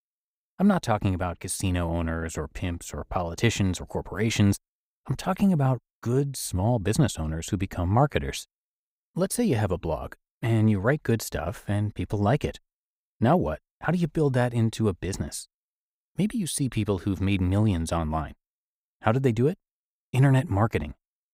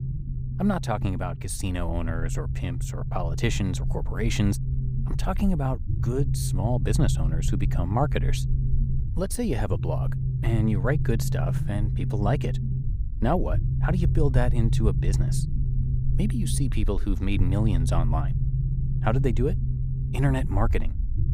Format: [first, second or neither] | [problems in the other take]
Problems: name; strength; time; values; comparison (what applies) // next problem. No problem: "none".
first | low rumble; loud; throughout; 9 dB below the speech